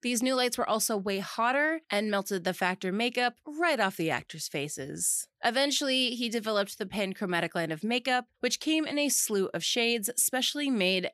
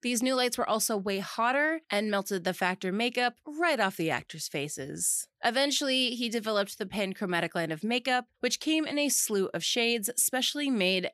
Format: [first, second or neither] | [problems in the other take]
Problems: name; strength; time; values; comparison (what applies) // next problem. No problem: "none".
neither | none